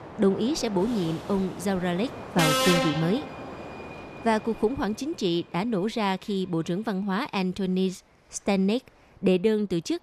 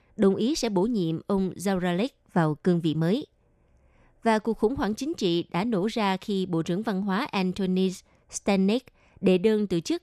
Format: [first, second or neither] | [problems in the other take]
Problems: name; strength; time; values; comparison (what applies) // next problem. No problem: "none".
second | train or aircraft noise; loud; throughout; 4 dB below the speech